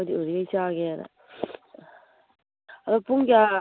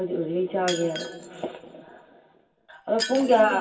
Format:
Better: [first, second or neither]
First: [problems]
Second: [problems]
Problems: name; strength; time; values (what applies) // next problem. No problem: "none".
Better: first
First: none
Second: background sound (Shatter); 13 dB below the speech // room echo; dies away in 2.4 s